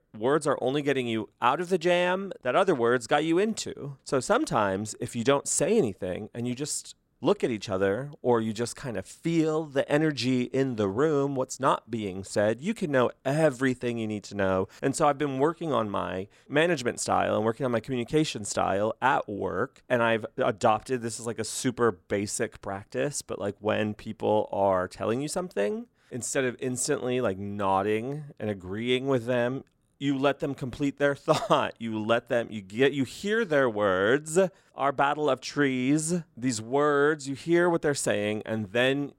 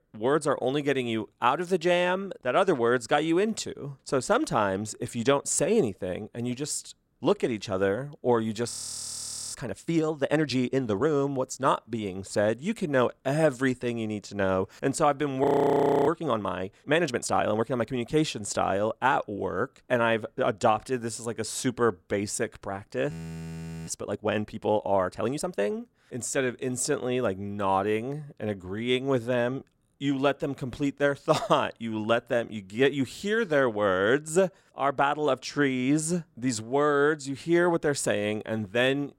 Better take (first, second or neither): first